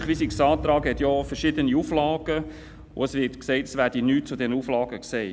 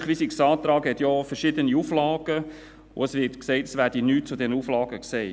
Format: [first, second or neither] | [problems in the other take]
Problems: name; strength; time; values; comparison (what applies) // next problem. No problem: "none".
second | background sound (Explosion); 15 dB below the speech